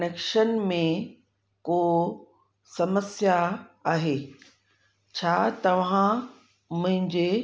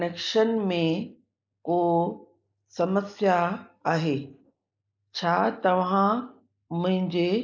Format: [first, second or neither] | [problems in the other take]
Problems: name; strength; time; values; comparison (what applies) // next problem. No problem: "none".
first | noise reduction (neural mask model Resemble Enhance denoiser)